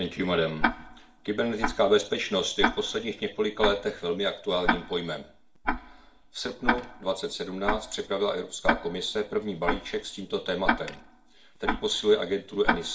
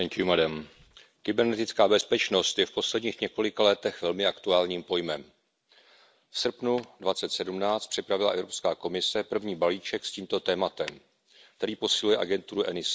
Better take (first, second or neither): second